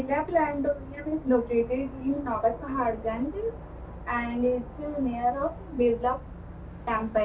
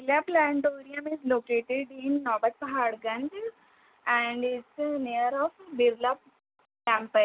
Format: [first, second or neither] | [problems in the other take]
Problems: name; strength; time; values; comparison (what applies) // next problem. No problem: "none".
second | background sound (Insect / Frog); 13 dB below the speech // room echo; dies away in 0.3 s